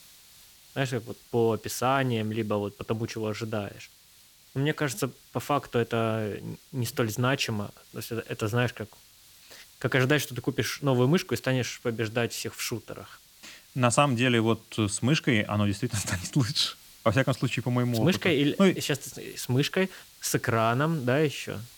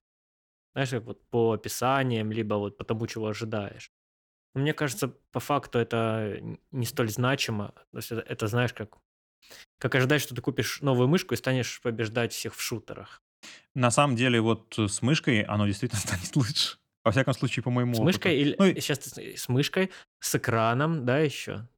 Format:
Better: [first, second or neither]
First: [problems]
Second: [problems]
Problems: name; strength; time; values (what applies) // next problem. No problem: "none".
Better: second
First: hiss; faint; throughout; 25 dB below the speech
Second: none